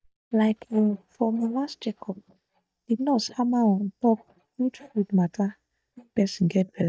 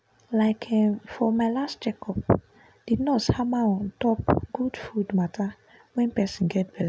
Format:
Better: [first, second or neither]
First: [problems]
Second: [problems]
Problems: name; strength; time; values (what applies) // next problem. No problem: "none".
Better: second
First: noise reduction (neural mask model DeepFilterNet 3)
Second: none